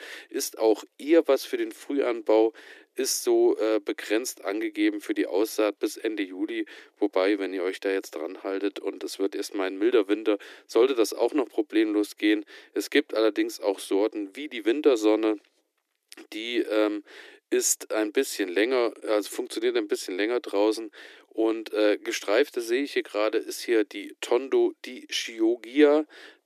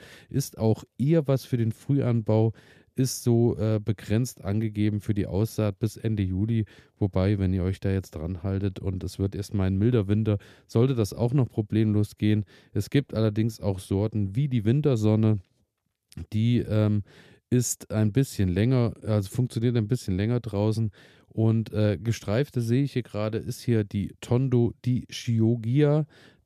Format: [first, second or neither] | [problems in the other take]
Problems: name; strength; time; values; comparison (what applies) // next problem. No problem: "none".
second | thin; very; fading below 300 Hz